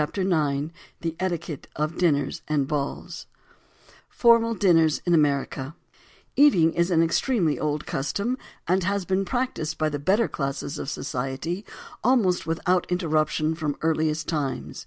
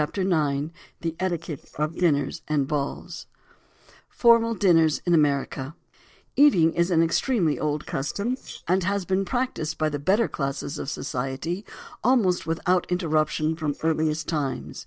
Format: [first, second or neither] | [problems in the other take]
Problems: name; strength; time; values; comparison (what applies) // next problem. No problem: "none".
first | noise reduction (neural separator model SepFormer DNS4)